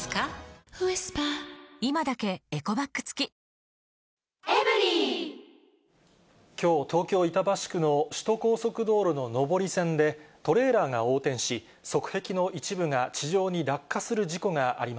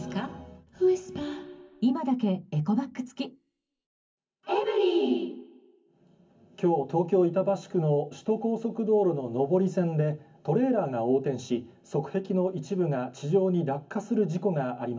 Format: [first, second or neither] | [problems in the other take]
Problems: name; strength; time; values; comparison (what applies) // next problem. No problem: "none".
first | room echo; dies away in 0.3 s